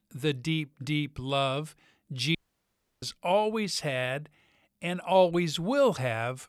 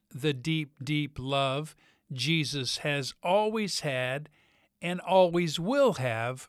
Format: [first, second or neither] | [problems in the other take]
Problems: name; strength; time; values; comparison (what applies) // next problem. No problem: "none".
second | audio cutting out; at 2.5 s for 0.5 s